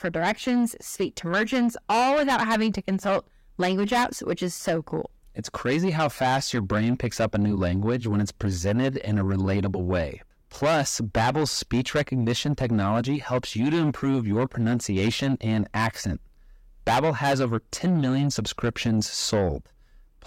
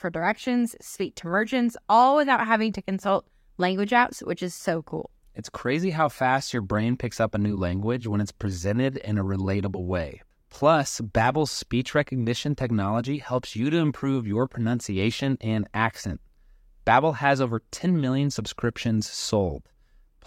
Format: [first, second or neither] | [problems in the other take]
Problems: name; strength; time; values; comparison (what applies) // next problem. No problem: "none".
second | distortion; heavy; 8 dB below the speech